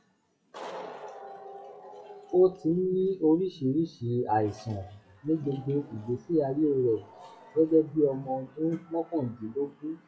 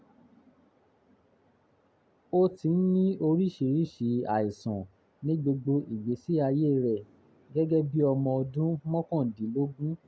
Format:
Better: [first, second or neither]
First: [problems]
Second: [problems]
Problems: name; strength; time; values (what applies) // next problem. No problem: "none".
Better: second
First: noise reduction (classical method WPE with log-MMSE)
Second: none